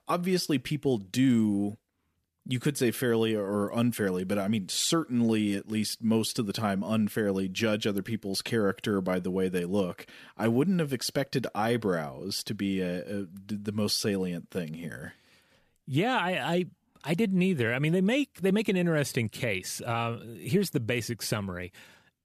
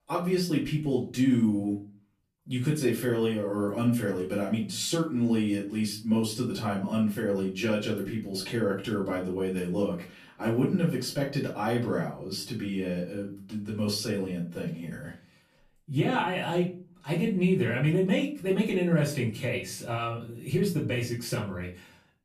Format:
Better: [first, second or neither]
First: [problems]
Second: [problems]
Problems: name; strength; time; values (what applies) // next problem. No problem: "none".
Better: first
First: none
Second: off-mic speech; far // room echo; slight; dies away in 0.3 s